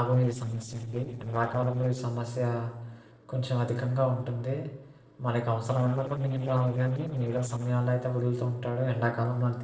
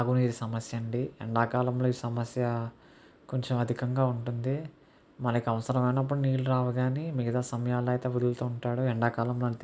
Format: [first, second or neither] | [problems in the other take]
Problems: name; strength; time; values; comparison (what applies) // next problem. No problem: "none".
second | noise reduction (neural separator model SepFormer DNS4)